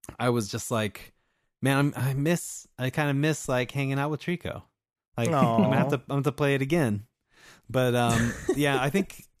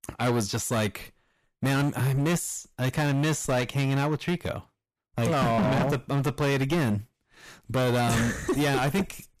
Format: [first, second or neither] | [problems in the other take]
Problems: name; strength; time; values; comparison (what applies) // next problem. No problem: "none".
first | distortion; heavy; 19% of the sound clipped